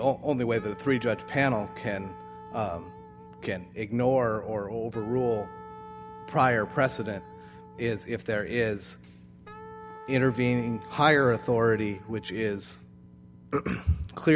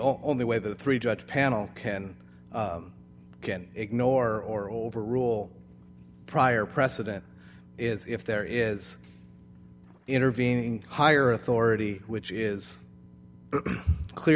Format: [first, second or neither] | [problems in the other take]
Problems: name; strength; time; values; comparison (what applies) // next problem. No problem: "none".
second | background sound (Wind instrument, woodwind instrument); 18 dB below the speech